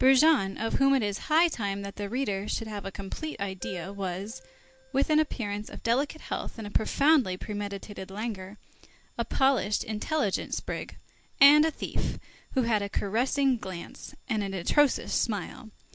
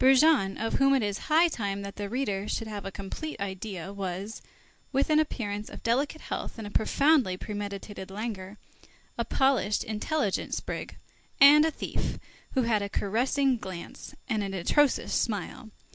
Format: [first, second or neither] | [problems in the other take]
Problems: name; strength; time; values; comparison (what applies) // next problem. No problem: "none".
second | background sound (Keyboard (musical)); 20 dB below the speech